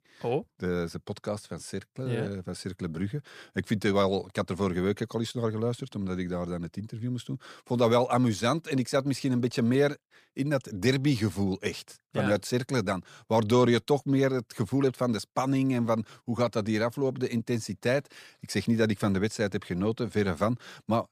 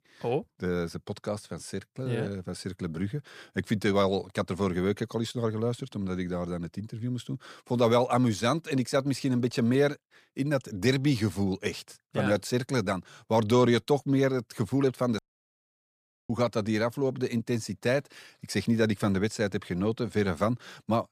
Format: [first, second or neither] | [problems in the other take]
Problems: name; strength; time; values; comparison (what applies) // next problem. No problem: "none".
first | audio cutting out; at 15 s for 1 s